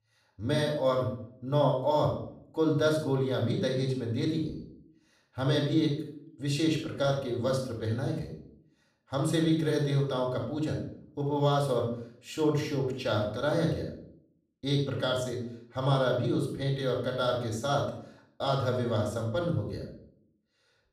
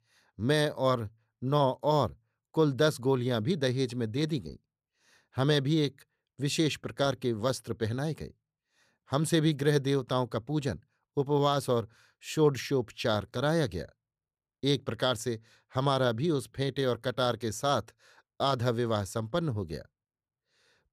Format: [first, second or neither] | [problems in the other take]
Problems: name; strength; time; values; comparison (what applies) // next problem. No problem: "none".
second | off-mic speech; somewhat distant // room echo; noticeable; dies away in 0.6 s